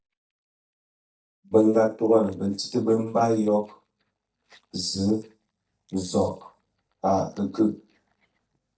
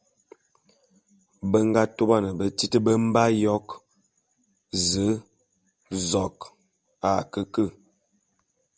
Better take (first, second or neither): second